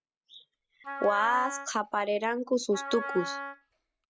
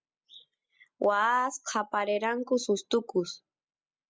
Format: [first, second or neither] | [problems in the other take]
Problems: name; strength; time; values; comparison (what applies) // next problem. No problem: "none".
second | background sound (Wind instrument, woodwind instrument); 8 dB below the speech